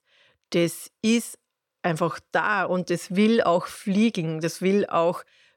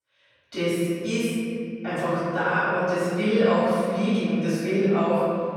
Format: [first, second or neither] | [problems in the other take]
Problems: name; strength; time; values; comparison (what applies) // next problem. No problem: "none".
first | room echo; strong; dies away in 2.5 s // off-mic speech; far